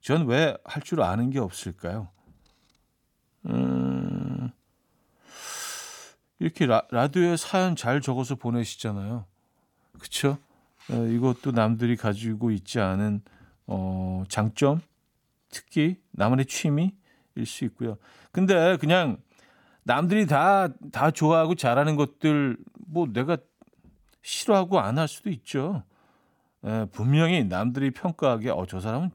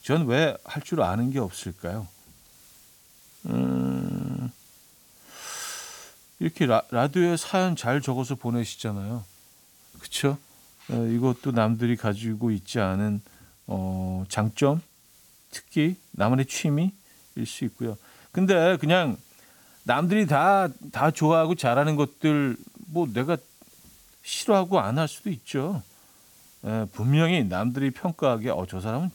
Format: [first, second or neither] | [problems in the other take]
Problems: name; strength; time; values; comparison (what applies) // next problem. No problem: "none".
first | hiss; faint; throughout; 25 dB below the speech